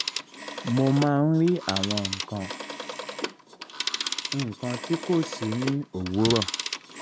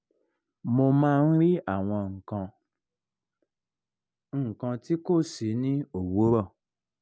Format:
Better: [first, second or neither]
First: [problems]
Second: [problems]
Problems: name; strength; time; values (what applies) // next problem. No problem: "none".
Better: second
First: background sound (Telephone); 6 dB below the speech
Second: none